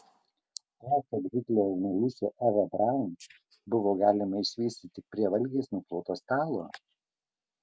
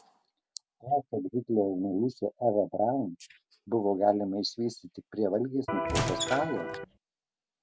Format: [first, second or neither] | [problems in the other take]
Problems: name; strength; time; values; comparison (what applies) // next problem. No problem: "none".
first | background sound (Squeak / Wood + Electric guitar); 1 dB below the speech